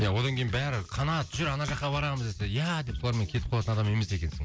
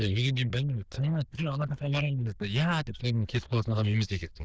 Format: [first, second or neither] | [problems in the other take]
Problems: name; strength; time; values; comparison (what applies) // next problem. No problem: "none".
first | noise reduction (neural diffusion model UNIVERSE++)